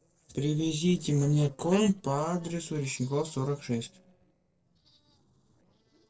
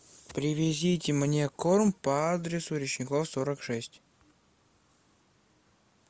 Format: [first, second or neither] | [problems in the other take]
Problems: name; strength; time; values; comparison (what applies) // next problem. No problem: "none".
second | noise reduction (neural separator model SepFormer DNS4)